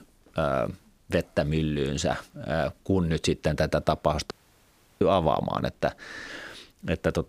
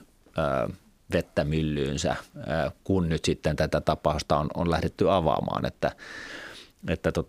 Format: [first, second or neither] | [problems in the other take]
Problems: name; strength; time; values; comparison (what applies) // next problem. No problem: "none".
second | audio cutting out; at 4.5 s for 0.5 s